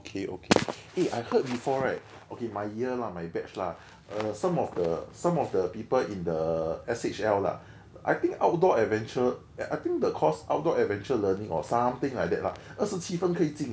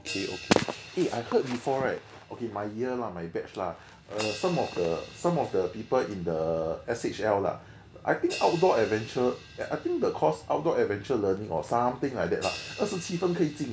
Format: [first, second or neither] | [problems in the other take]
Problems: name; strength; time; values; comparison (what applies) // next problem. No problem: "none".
first | background sound (Crash cymbal); 17 dB below the speech